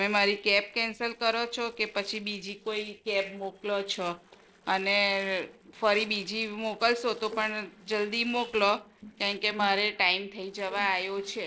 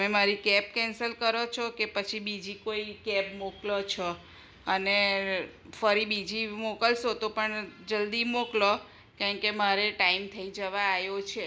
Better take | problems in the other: second | noise reduction (neural separator model SepFormer DNS4)

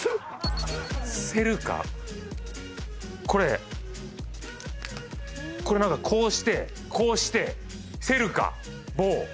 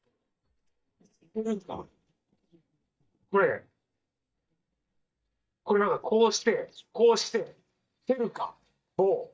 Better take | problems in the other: first | noise reduction (neural mask model DeepFilterNet 3)

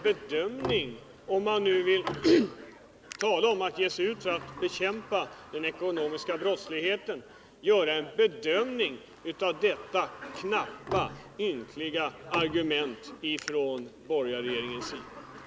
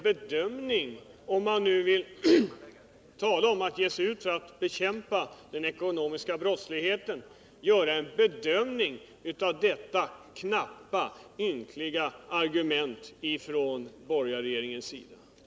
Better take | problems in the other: second | background sound (Cough + Sliding door); 14 dB below the speech

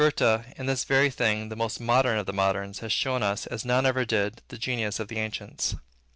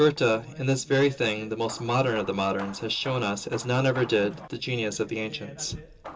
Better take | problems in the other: first | background sound (Hammer / Wood); 17 dB below the speech // room echo; dies away in 0.2 s

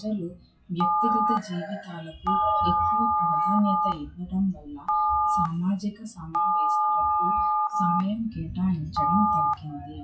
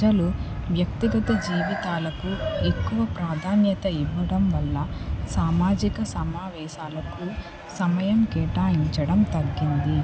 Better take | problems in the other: second | noise reduction (classical method WPE with log-MMSE)

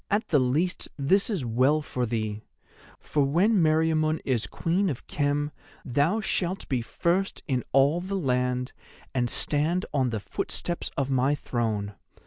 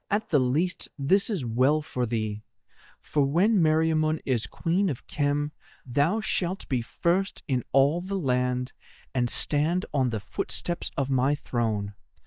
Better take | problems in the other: first | noise reduction (neural mask model DeepFilterNet 3)

